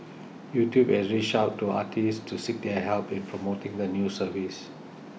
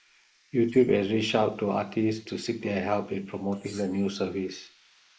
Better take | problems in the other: first | noise reduction (neural mask model Resemble Enhance denoiser)

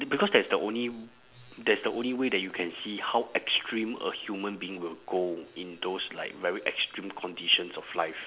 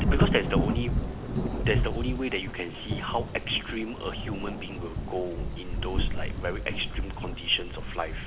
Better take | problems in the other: first | background sound (Thunder / Rain); 3 dB above the speech

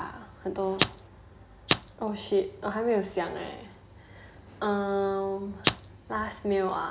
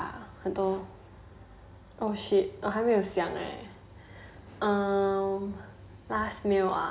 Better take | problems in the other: second | background sound (Rattle (instrument)); 3 dB above the speech

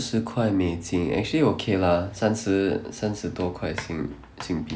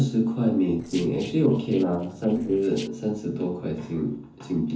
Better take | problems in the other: first | noise reduction (neural separator model SepFormer DNS4)

